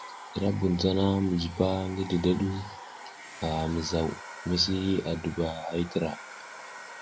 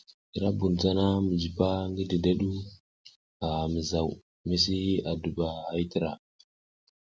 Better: second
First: background sound (Domestic sounds, home sounds); 15 dB below the speech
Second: none

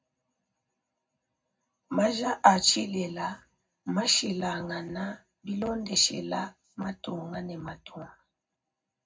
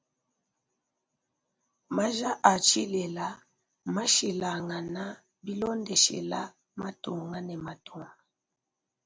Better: second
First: room echo; dies away in 0.3 s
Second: none

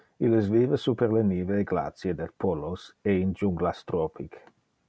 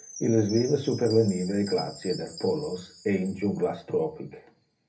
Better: first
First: none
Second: background sound (Chime); 17 dB below the speech // room echo; dies away in 0.3 s

